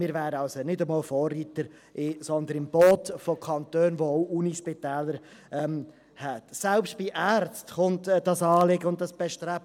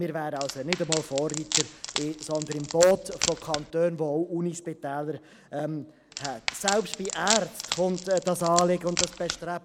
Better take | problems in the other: first | background sound (Wood); 5 dB below the speech

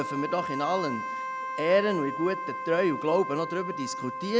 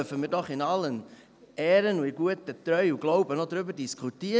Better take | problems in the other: second | background sound (Wind instrument, woodwind instrument); 6 dB below the speech

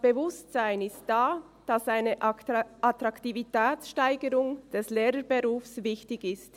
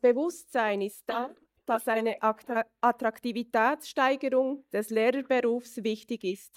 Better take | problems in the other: first | noise reduction (neural mask model DeepFilterNet 3)

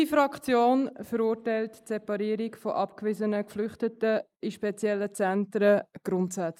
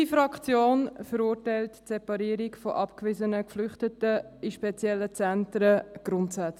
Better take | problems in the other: second | noise reduction (neural mask model Resemble Enhance denoiser)

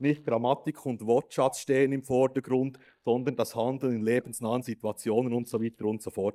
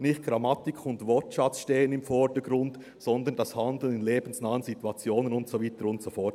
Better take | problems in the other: second | noise reduction (neural mask model DeepFilterNet 3)

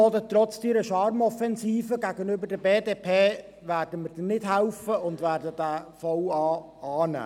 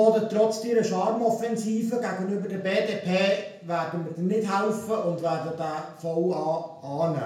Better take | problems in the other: first | room echo; dies away in 0.5 s

